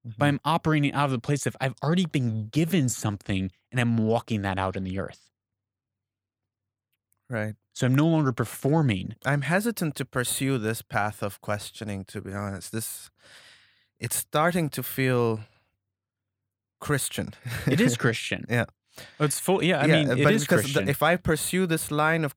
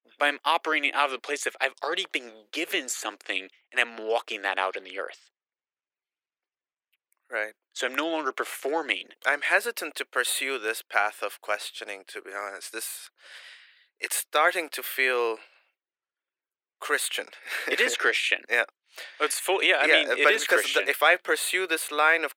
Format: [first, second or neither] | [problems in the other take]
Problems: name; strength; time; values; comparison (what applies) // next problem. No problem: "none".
first | thin; very; fading below 350 Hz